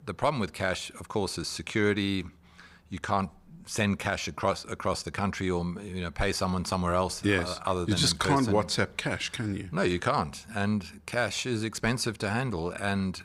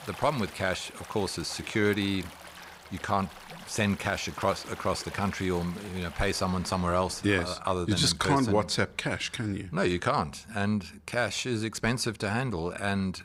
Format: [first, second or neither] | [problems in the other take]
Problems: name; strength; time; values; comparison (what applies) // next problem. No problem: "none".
first | rain or running water; noticeable; until 7.5 s; 15 dB below the speech